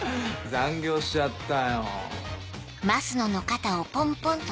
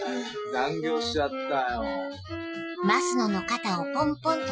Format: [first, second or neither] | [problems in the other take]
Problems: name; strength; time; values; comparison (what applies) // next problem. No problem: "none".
first | noise reduction (classical method Wiener filter)